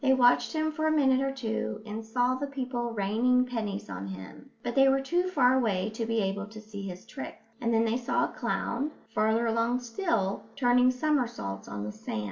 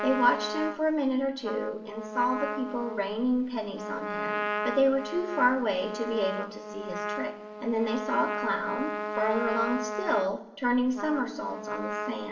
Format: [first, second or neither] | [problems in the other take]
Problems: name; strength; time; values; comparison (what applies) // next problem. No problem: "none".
first | background sound (Trumpet); 6 dB below the speech // room echo; dies away in 0.8 s